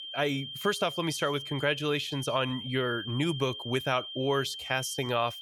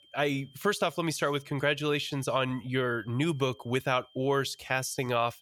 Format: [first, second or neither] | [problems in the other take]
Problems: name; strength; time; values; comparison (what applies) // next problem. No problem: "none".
second | high-pitched whine; loud; throughout; 3 kHz, 8 dB below the speech; faint in the second